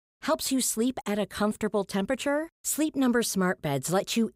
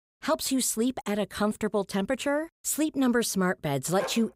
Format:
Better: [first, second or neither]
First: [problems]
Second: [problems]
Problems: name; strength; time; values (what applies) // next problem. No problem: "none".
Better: first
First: none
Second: dog barking; very faint; at 4 s; peak 10 dB below the speech